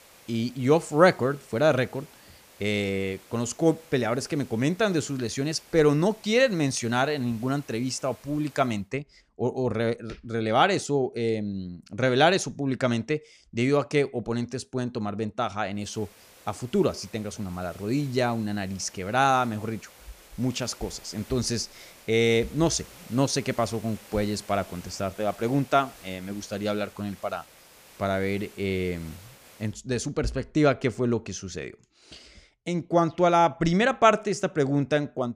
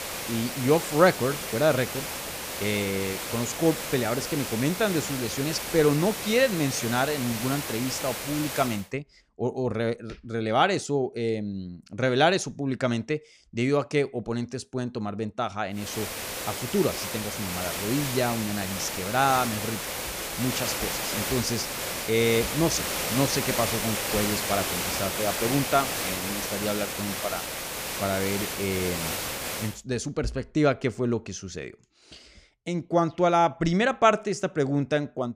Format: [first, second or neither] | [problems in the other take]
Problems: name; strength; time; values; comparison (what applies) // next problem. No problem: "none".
first | hiss; loud; until 9 s and from 16 to 30 s; 3 dB below the speech; faint in the first